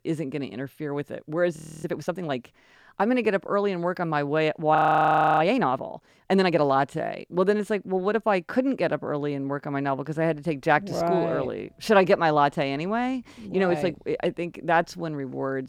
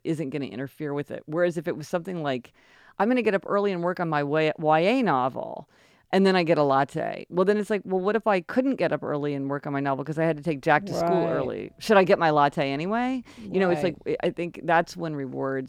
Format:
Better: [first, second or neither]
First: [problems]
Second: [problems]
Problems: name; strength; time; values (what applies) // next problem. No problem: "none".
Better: second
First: audio freezing; at 1.5 s and at 5 s for 0.5 s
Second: none